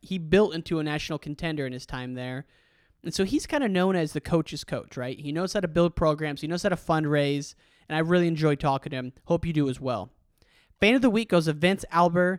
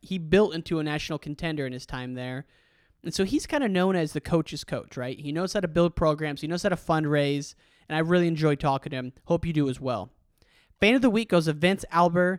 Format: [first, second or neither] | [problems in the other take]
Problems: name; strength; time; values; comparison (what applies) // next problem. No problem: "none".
neither | none